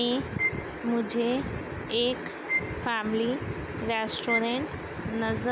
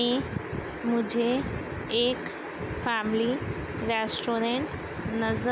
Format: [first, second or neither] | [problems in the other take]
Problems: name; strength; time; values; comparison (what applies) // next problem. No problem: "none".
second | background sound (Bowed string instrument); 6 dB below the speech